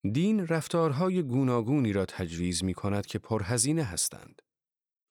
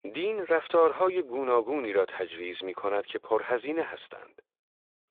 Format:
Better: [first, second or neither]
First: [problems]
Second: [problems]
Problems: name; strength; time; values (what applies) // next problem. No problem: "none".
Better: first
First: none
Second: phone-call audio; nothing above 3.5 kHz